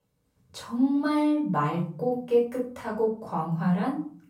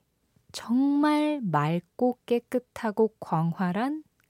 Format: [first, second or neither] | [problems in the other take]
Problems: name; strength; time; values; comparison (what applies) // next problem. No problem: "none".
second | off-mic speech; far // room echo; noticeable; dies away in 0.5 s